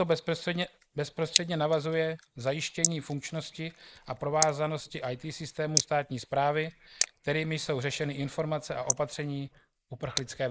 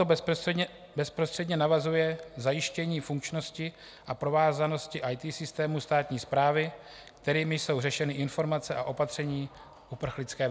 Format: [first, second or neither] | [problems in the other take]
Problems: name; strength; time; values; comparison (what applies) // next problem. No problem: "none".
second | noise reduction (neural mask model Resemble Enhance denoiser)